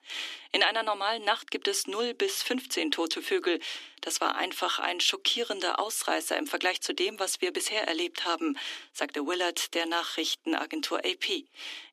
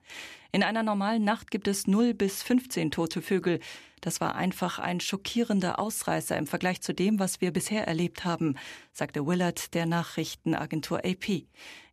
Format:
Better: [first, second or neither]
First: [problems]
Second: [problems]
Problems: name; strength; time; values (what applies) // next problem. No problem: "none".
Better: second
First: thin; somewhat; fading below 250 Hz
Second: none